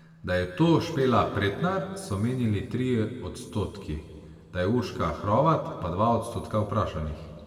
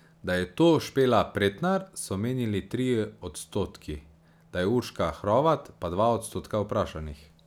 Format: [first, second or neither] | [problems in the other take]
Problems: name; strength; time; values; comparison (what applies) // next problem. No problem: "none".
second | room echo; dies away in 2.2 s